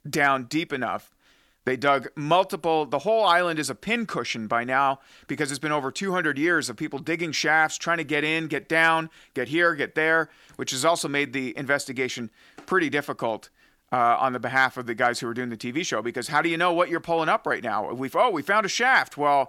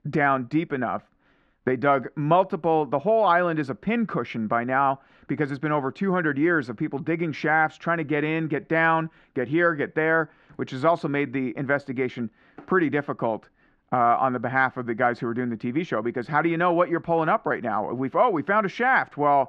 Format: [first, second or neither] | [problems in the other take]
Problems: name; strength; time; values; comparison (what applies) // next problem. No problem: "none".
first | muffled; very; fading above 1.5 kHz